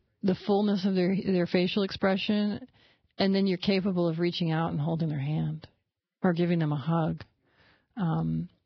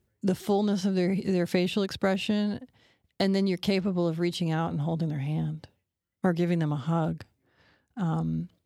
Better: second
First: garbled, watery; badly; nothing above 5 kHz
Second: none

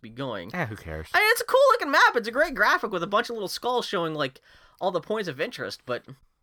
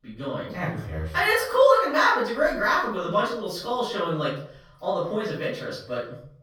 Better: first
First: none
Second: room echo; noticeable; dies away in 0.6 s // off-mic speech; far

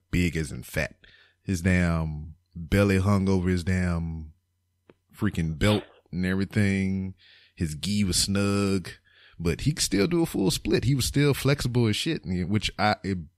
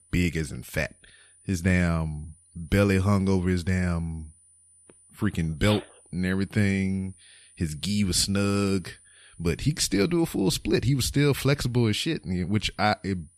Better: first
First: none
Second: high-pitched whine; faint; throughout; 9.5 kHz, 30 dB below the speech

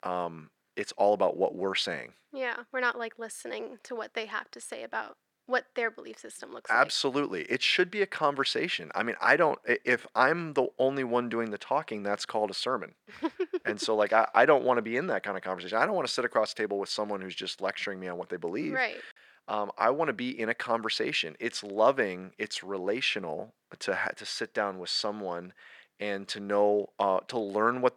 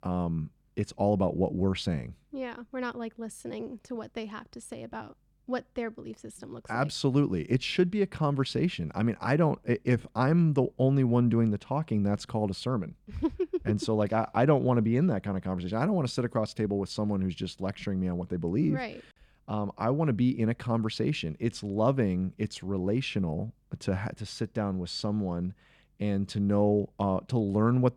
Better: second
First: thin; very; fading below 550 Hz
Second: none

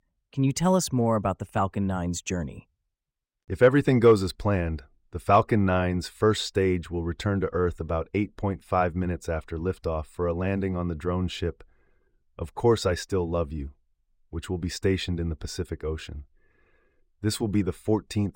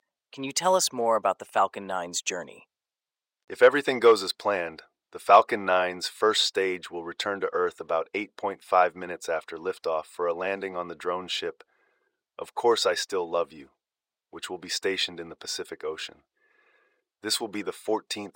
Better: first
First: none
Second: thin; very; fading below 600 Hz

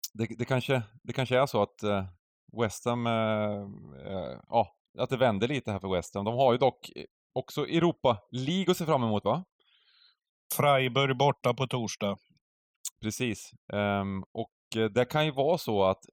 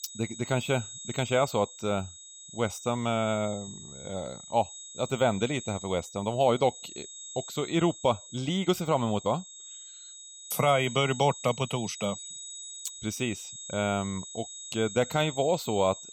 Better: first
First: none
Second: high-pitched whine; noticeable; throughout; 7.5 kHz, 10 dB below the speech

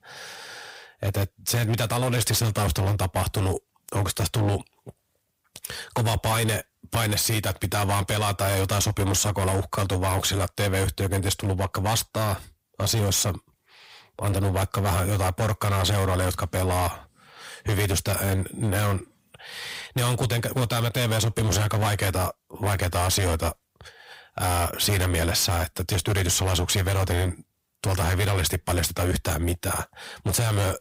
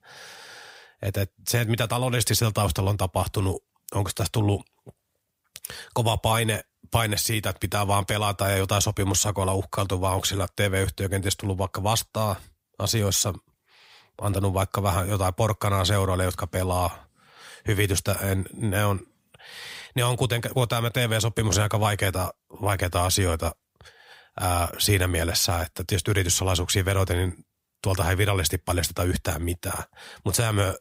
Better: second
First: distortion; heavy; 18% of the sound clipped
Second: none

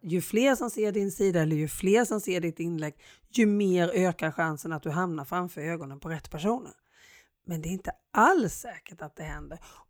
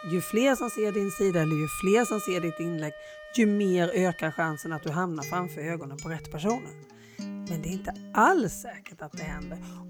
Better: first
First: none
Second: background music; noticeable; throughout; 15 dB below the speech

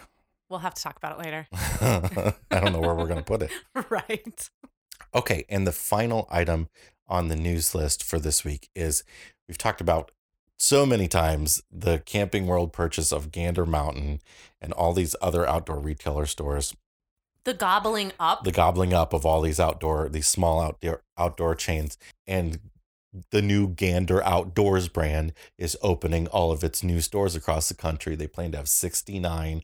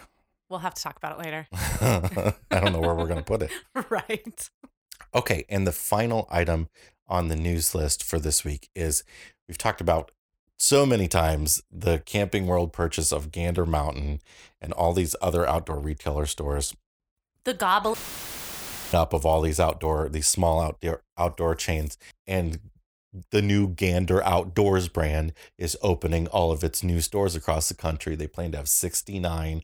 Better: first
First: none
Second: audio cutting out; filled with static; at 18 s for 1 s

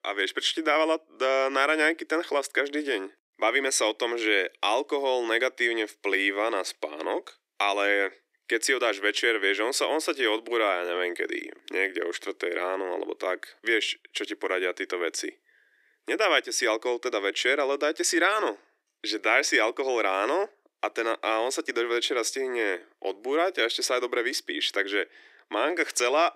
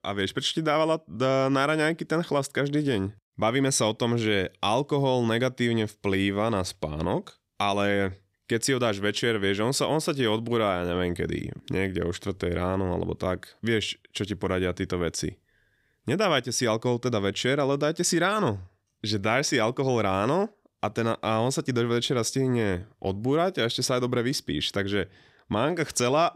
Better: second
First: thin; very; fading below 300 Hz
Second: none

